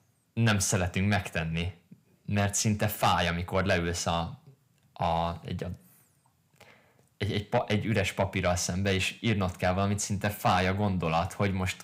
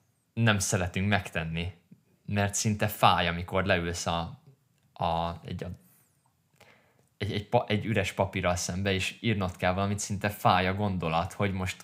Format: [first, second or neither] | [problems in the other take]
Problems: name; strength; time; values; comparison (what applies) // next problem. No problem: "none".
second | distortion; slight; 10 dB below the speech